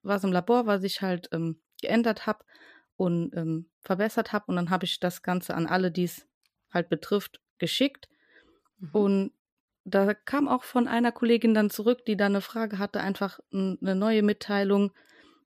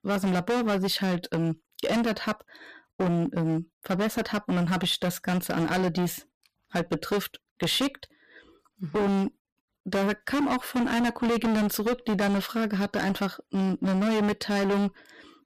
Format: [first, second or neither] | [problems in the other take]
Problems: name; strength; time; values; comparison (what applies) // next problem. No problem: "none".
first | distortion; heavy; 22% of the sound clipped